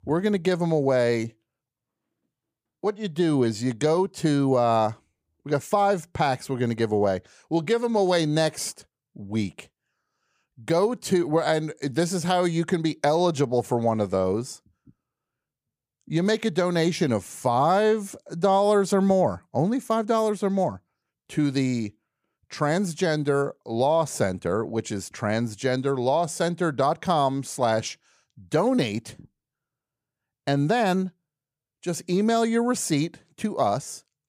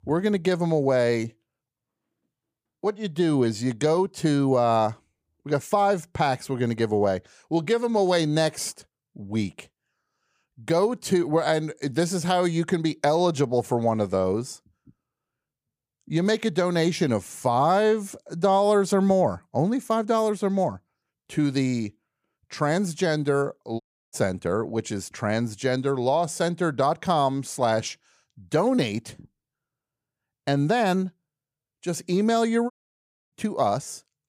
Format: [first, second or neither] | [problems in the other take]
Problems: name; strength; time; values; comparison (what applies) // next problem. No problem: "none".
first | audio cutting out; at 24 s and at 33 s for 0.5 s